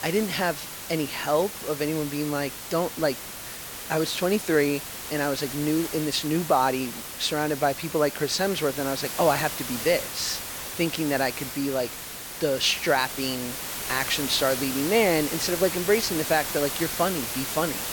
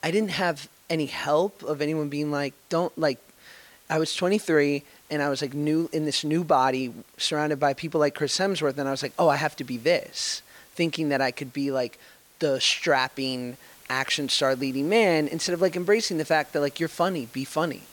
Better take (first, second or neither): second